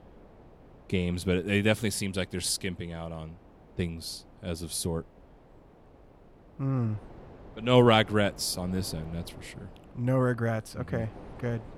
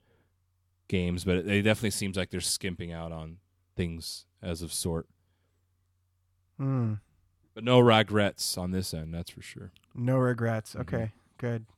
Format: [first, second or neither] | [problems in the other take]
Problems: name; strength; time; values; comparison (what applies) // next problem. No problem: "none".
second | wind noise on the microphone; occasional gusts; 25 dB below the speech